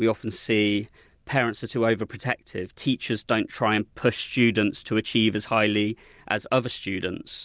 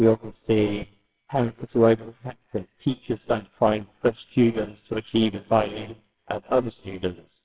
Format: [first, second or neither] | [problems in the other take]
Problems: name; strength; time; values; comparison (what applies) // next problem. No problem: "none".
first | noise reduction (neural separator model SepFormer WHAMR!)